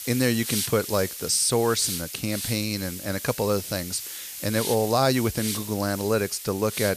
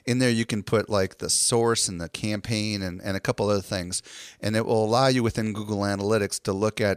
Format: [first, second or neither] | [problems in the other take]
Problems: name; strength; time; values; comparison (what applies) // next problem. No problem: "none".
second | hiss; loud; throughout; 7 dB below the speech